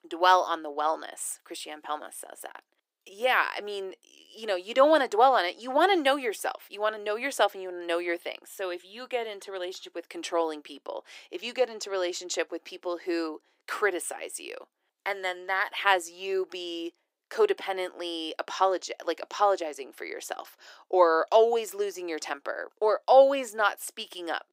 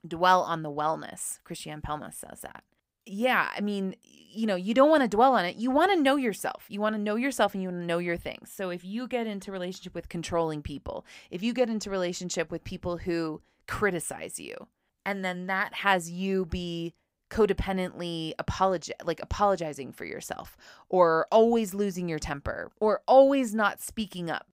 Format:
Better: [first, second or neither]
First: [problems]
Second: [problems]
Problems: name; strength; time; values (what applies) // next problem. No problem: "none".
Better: second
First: thin; somewhat; fading below 350 Hz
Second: none